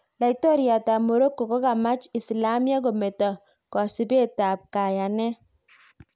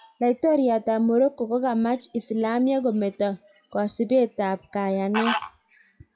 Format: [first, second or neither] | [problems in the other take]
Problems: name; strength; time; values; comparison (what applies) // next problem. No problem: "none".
first | noise reduction (classical method WPE with log-MMSE)